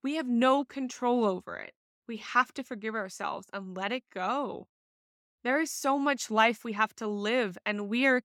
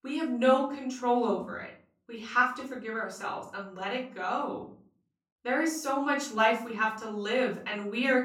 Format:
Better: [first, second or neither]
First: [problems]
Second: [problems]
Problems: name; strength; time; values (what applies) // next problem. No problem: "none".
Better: first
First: none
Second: off-mic speech; far // room echo; slight; dies away in 0.4 s